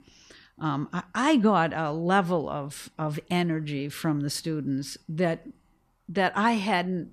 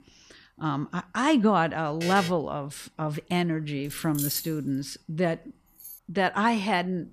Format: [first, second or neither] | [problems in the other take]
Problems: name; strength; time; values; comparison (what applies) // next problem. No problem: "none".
first | alarm; noticeable; at 2 s; peak 6 dB below the speech // jangling keys; noticeable; at 4 s; peak 3 dB below the speech // jangling keys; faint; at 6 s; peak 15 dB below the speech